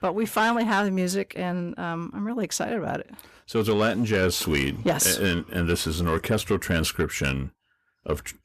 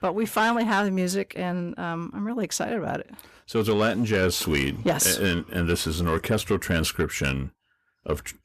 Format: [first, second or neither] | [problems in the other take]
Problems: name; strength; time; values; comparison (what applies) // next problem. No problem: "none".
neither | distortion; slight; 10 dB below the speech; the same in both